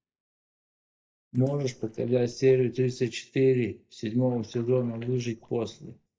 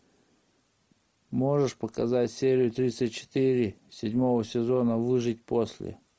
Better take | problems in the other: second | noise reduction (neural mask model DeepFilterNet 3)

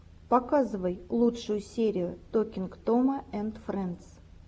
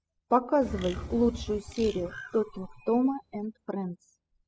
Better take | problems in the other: first | noise reduction (classical method spectral subtraction)

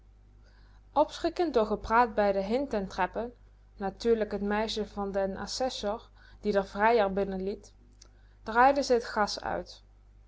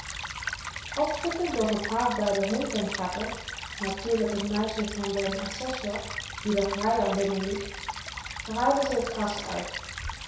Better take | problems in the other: first | background sound (Stream / Trickle, dribble); 7 dB below the speech // room echo; dies away in 0.7 s

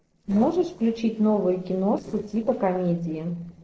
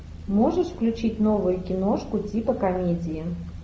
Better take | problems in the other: second | noise reduction (neural separator model SepFormer DNS4)

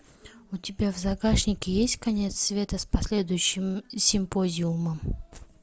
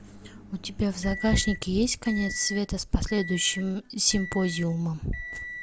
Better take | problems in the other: first | background sound (Microwave oven); 12 dB below the speech

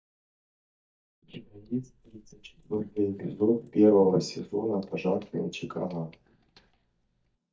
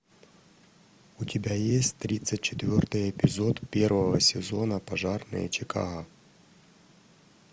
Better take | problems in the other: second | noise reduction (neural mask model DeepFilterNet 3)

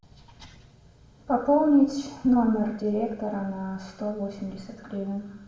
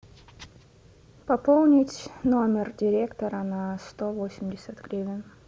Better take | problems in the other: second | room echo; dies away in 0.7 s

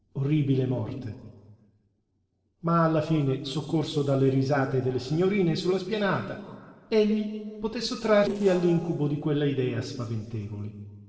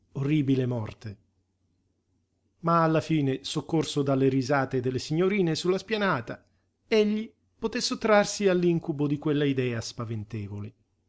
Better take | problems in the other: second | noise reduction (neural separator model SepFormer DNS4)

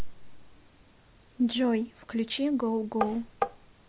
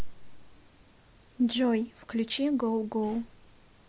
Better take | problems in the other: second | background sound (Tap); 2 dB below the speech

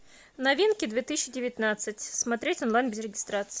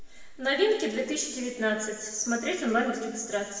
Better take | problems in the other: first | room echo; dies away in 1.1 s

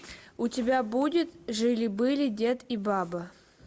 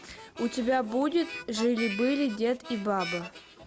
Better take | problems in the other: first | background sound (Harmonica); 12 dB below the speech

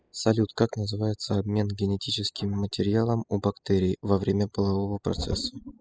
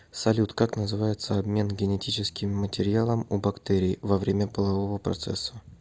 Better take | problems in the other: second | noise reduction (classical method spectral subtraction)

